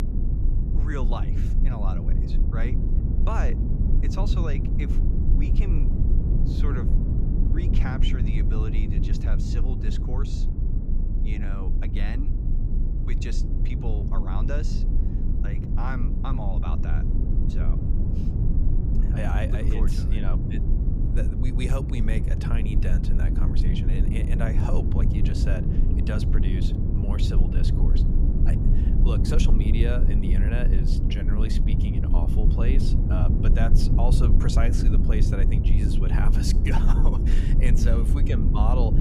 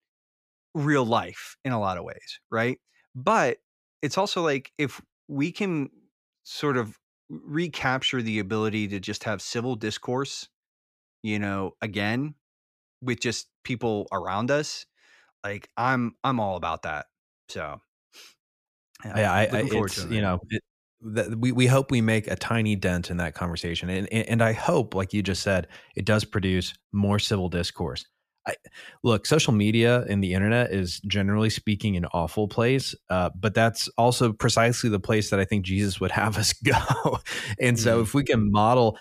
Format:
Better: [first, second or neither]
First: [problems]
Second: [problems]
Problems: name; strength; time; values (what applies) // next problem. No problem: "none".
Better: second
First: low rumble; loud; throughout; 1 dB below the speech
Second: none